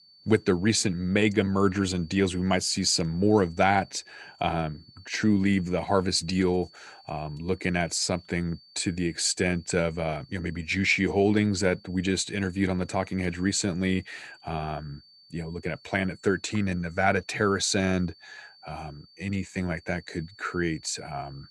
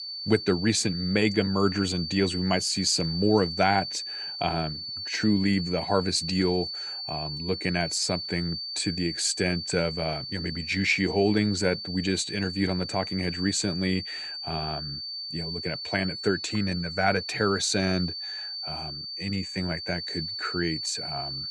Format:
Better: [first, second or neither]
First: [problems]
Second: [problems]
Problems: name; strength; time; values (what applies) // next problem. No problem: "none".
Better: first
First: high-pitched whine; faint; throughout; 4.5 kHz, 25 dB below the speech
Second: high-pitched whine; loud; throughout; 4.5 kHz, 6 dB below the speech